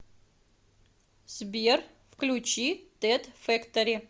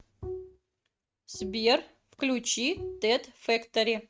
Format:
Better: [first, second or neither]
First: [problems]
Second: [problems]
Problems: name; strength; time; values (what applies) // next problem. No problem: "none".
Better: first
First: none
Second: noise reduction (neural mask model RNNoise)